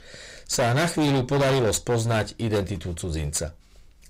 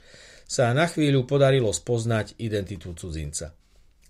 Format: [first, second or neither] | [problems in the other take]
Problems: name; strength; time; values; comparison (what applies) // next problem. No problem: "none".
second | distortion; heavy; 19% of the sound clipped